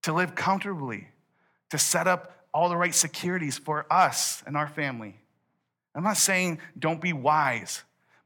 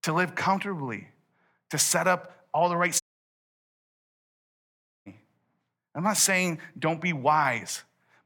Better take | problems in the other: first | audio cutting out; at 3 s for 2 s

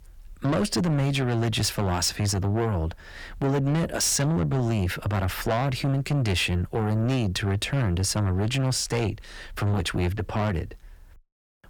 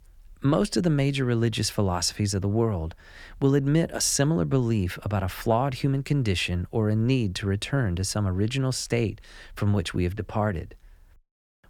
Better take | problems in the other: second | distortion; heavy; 7 dB below the speech

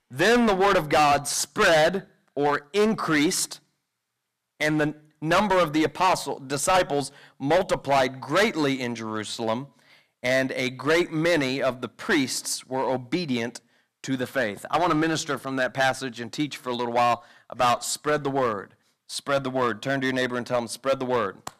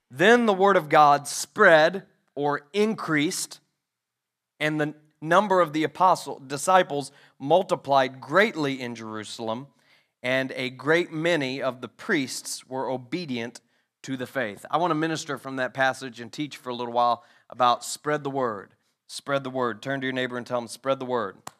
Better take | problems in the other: second | distortion; heavy; 7% of the sound clipped

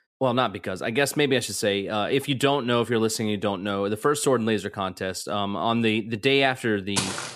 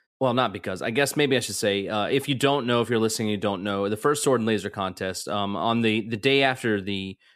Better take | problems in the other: second | footsteps; noticeable; at 7 s; peak 3 dB below the speech

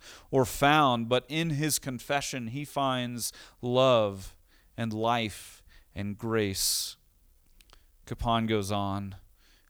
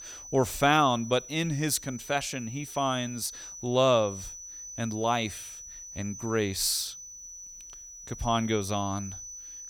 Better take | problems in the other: first | high-pitched whine; noticeable; throughout; 6 kHz, 15 dB below the speech

